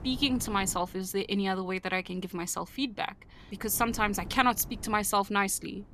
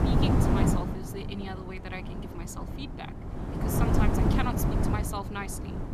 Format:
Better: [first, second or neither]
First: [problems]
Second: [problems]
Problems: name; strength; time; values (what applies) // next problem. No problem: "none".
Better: first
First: wind noise on the microphone; occasional gusts; 25 dB below the speech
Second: wind noise on the microphone; heavy; 3 dB above the speech